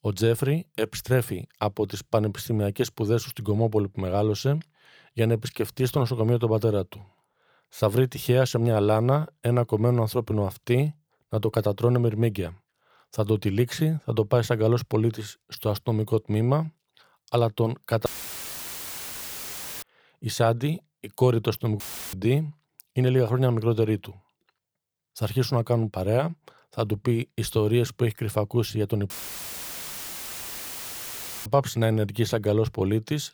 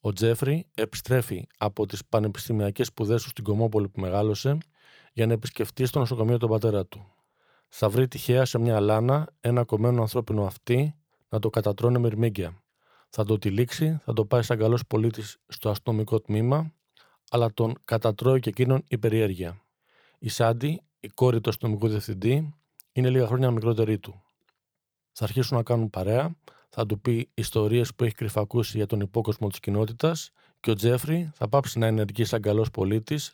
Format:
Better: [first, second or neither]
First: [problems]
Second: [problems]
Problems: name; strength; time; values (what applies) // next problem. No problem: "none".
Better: second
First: audio cutting out; filled with static; at 18 s for 2 s, at 22 s and at 29 s for 2.5 s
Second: none